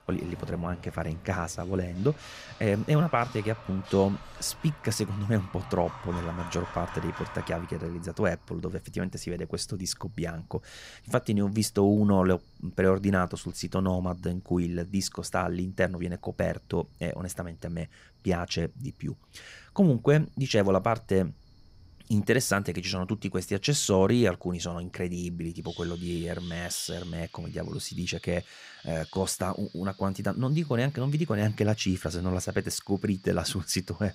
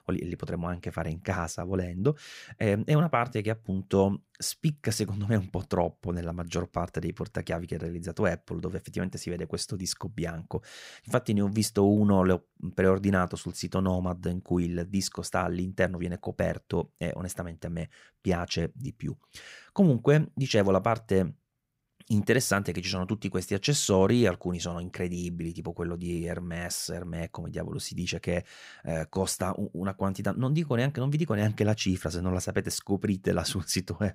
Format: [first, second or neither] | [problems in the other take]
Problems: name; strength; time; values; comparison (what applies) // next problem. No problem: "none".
second | animal sounds; noticeable; throughout; 20 dB below the speech